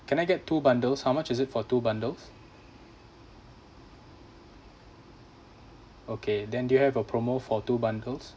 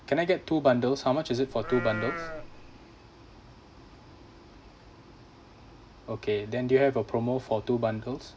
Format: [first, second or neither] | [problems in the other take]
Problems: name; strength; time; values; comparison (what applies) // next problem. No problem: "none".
first | background sound (Livestock, farm animals, working animals); 8 dB below the speech